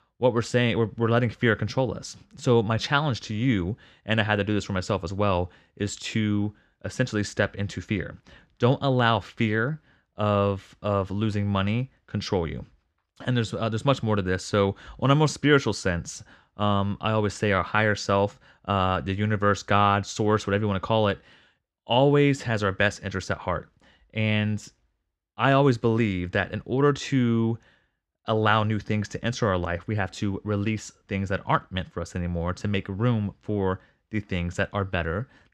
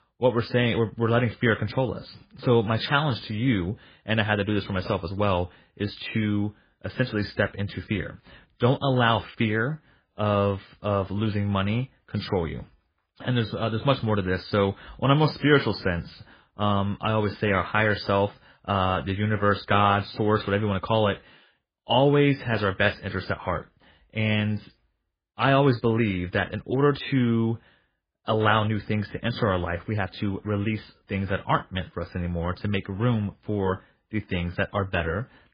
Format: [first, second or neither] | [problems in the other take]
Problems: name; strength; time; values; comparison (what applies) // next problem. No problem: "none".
first | garbled, watery; badly; nothing above 4.5 kHz